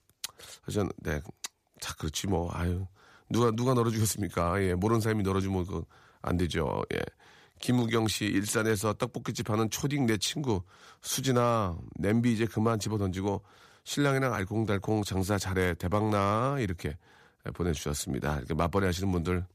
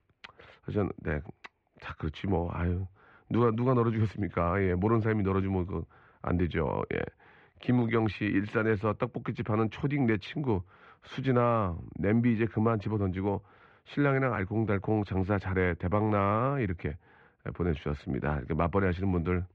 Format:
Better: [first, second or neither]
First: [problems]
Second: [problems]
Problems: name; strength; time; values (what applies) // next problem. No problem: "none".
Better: first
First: none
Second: muffled; very; fading above 2.5 kHz